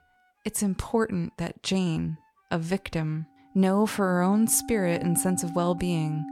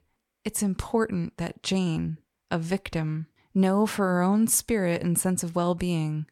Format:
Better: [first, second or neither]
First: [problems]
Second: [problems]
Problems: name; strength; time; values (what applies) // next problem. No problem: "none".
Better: second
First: background music; noticeable; throughout; 15 dB below the speech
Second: none